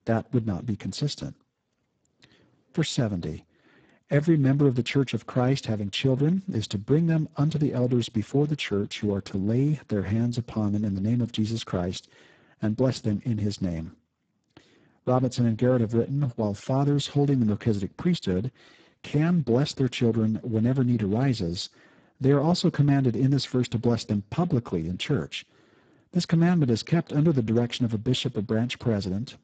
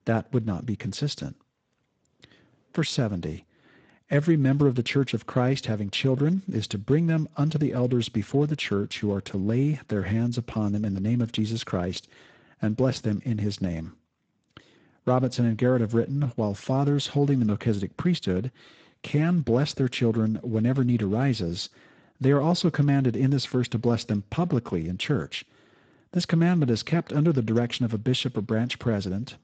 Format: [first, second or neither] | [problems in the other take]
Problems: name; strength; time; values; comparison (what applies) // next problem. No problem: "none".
second | garbled, watery; badly; nothing above 7.5 kHz; slightly in the second